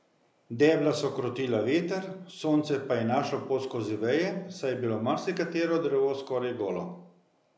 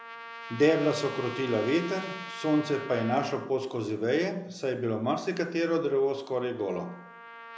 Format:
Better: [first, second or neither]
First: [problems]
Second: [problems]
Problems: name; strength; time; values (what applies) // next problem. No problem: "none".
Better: first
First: none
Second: background sound (Trumpet); 15 dB below the speech